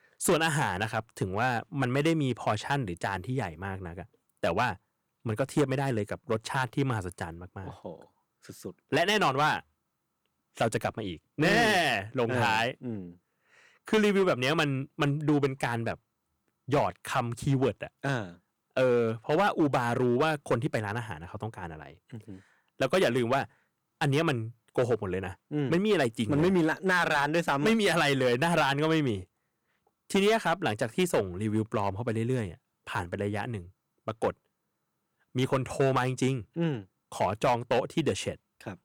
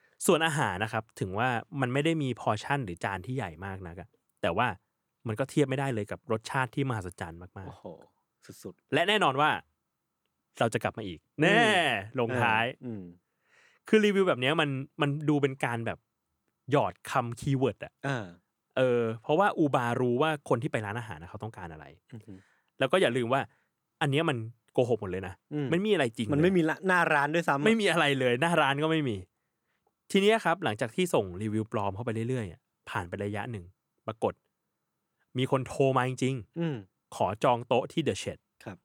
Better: second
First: distortion; slight; 4% of the sound clipped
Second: none

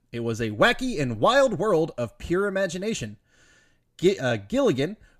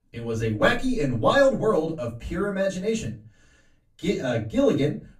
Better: first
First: none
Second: off-mic speech; far // room echo; very slight; dies away in 0.3 s

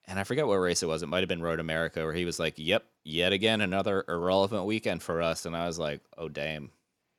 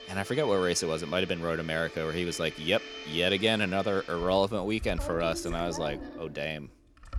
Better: first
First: none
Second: household noises; noticeable; throughout; 10 dB below the speech

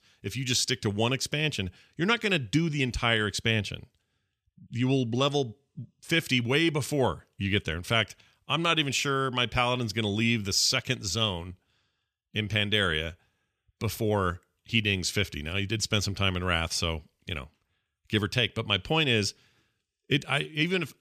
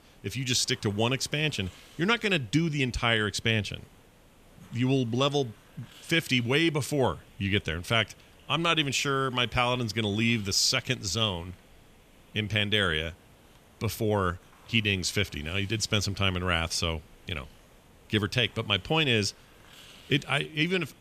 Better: first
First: none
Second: hiss; faint; throughout; 25 dB below the speech

